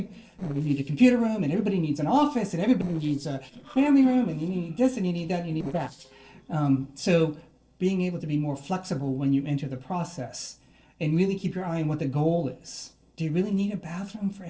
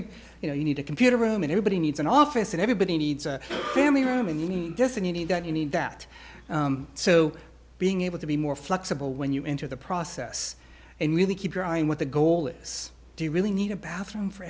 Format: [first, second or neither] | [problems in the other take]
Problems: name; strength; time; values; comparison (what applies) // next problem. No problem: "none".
second | noise reduction (neural separator model SepFormer DNS4)